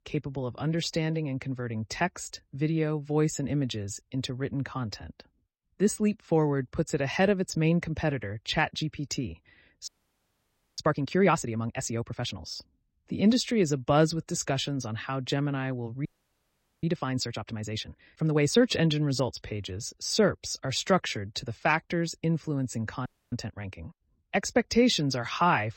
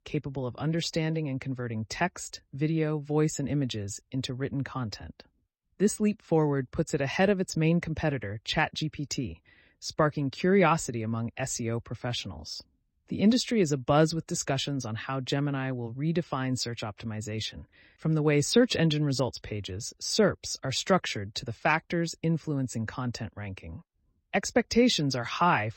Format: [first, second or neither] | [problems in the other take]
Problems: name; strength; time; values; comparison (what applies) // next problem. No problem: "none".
second | audio freezing; at 10 s for 1 s, at 16 s for 1 s and at 23 s